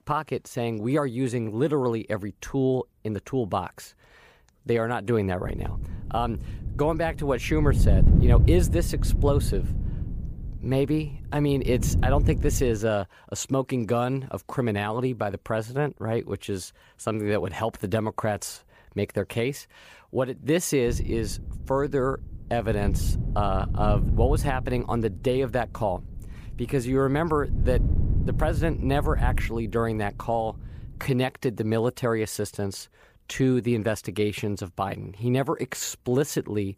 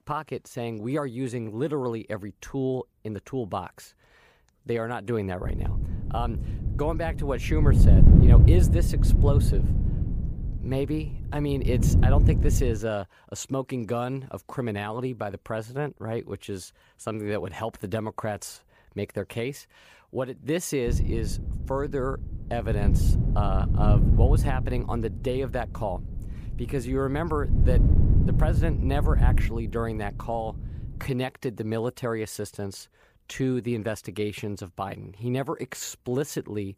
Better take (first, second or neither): first